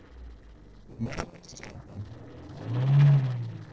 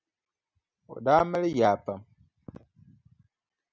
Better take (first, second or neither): second